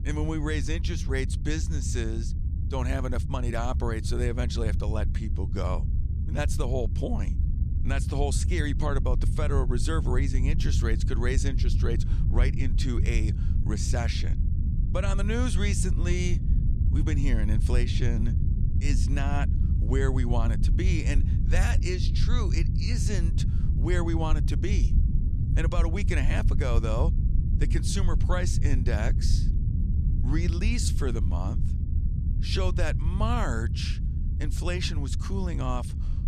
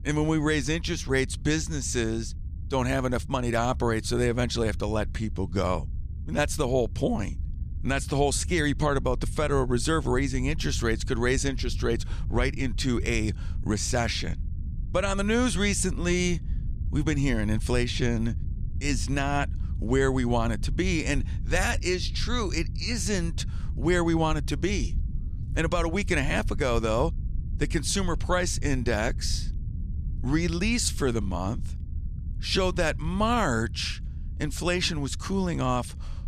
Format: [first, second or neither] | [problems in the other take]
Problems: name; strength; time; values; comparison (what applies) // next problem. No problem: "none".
second | low rumble; loud; throughout; 8 dB below the speech; faint in the second